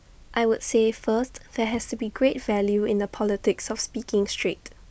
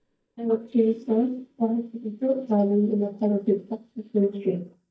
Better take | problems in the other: first | noise reduction (neural mask model DeepFilterNet 3)

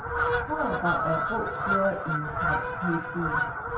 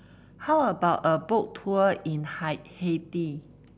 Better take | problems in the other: second | background sound (Fowl); 3 dB above the speech // room echo; dies away in 0.6 s

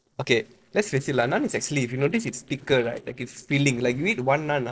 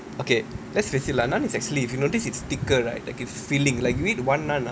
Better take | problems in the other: second | noise reduction (neural separator model SepFormer DNS4)

